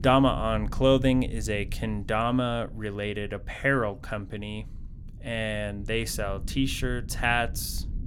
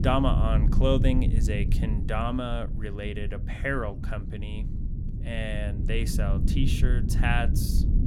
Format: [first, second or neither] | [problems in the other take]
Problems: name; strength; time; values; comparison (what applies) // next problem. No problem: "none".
first | low rumble; loud; throughout; 9 dB below the speech; faint in the first